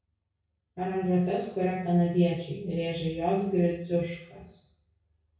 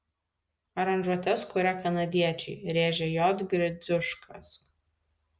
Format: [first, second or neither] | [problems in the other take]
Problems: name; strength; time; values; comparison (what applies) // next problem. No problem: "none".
second | room echo; dies away in 0.5 s